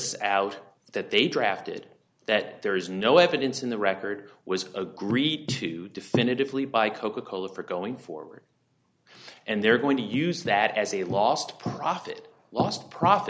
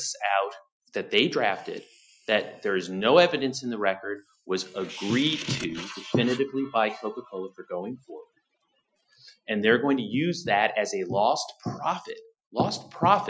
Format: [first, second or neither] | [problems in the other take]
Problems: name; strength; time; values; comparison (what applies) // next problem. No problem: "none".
first | noise reduction (classical method Wiener filter)